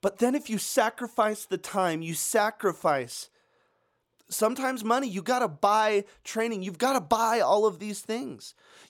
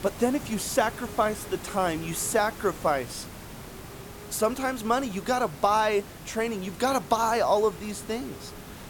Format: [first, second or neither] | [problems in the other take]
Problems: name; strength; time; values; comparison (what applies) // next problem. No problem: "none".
first | hiss; noticeable; throughout; 15 dB below the speech